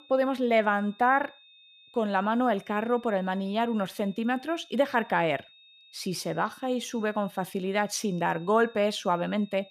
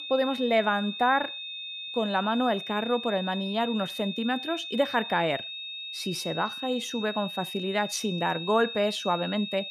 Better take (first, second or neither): first